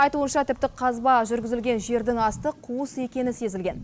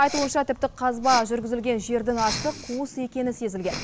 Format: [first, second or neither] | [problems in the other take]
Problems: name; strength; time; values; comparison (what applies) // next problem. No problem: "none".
first | background sound (Respiratory sounds); 12 dB below the speech